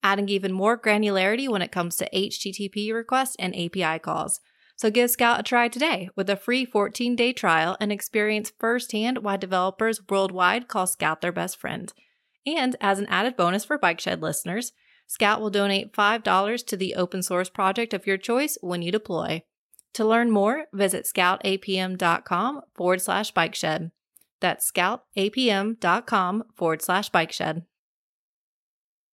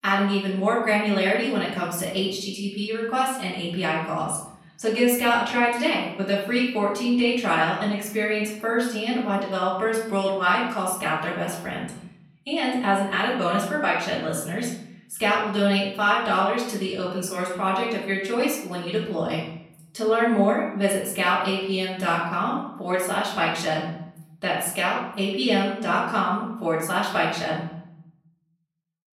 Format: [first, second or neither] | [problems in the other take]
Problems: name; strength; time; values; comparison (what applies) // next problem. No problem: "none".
first | room echo; noticeable; dies away in 0.7 s // off-mic speech; far